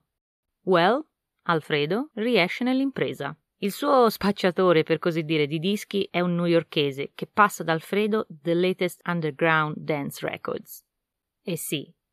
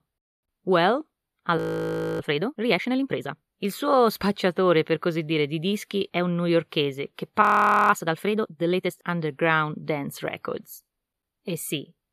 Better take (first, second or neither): first